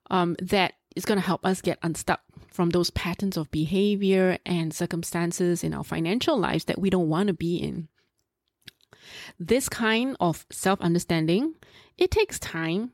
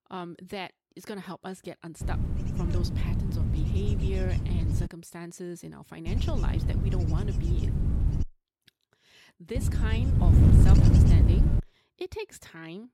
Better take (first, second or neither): first